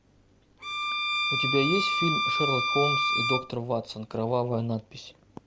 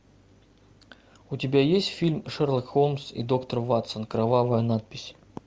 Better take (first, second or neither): second